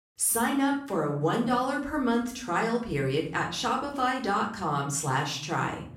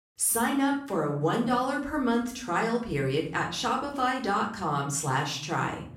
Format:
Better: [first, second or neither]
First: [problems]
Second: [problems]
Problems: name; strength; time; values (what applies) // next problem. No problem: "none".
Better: neither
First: room echo; slight; dies away in 0.5 s // off-mic speech; far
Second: room echo; slight; dies away in 0.5 s // off-mic speech; far